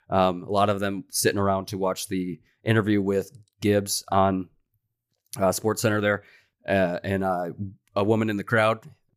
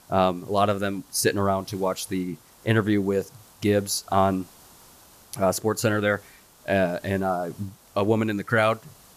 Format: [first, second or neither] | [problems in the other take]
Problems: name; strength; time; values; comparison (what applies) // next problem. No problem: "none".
first | hiss; faint; throughout; 25 dB below the speech